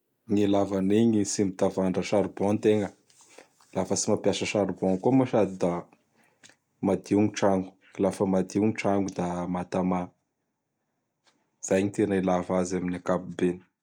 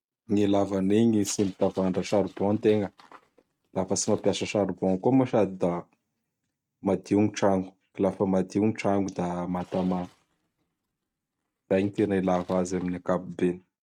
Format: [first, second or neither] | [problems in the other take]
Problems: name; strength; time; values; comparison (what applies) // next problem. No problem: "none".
first | noise reduction (neural mask model RNNoise)